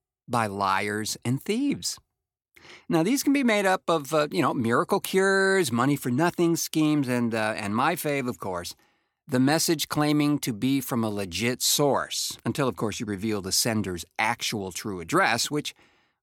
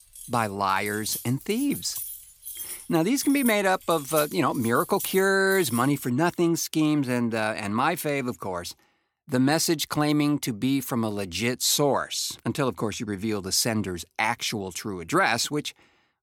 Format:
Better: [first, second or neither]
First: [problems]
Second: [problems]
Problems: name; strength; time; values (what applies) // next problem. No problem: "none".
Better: first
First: none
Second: jangling keys; noticeable; until 6 s; peak 7 dB below the speech